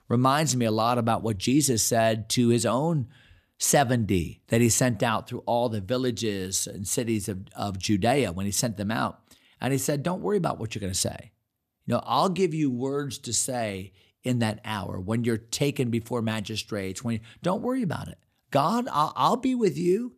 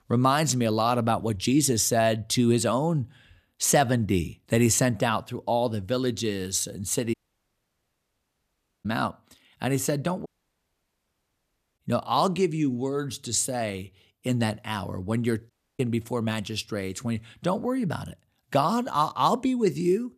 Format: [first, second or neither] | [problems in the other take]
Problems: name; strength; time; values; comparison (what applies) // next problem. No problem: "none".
first | audio cutting out; at 7 s for 1.5 s, at 10 s for 1.5 s and at 16 s